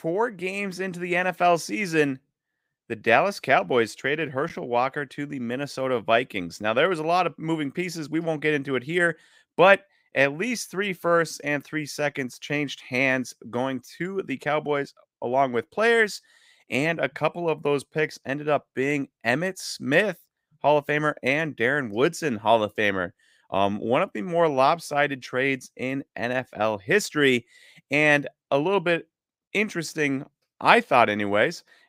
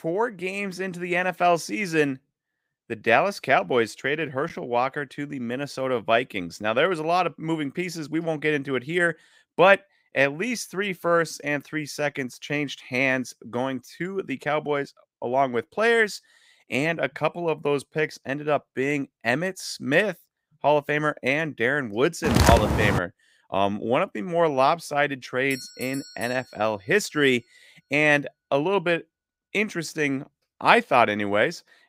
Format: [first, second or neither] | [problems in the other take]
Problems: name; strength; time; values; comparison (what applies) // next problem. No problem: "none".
first | footsteps; loud; at 22 s; peak 5 dB above the speech // doorbell; faint; from 26 to 27 s; peak 15 dB below the speech